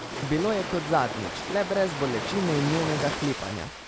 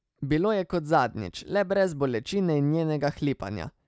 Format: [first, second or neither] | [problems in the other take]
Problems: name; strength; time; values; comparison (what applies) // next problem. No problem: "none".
second | background sound (Ocean); 5 dB below the speech